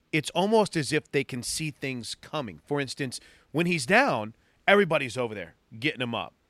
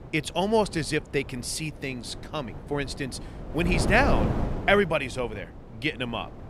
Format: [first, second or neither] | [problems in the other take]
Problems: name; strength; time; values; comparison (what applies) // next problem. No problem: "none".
first | wind noise on the microphone; occasional gusts; 10 dB below the speech